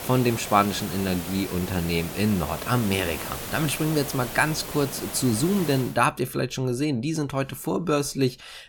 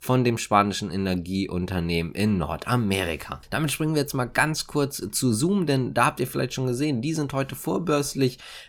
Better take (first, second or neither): second